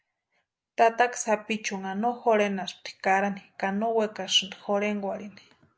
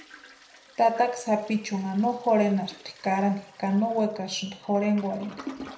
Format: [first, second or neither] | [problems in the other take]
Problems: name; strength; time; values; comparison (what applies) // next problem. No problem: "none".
first | background sound (Toilet flush); 20 dB below the speech // room echo; dies away in 0.5 s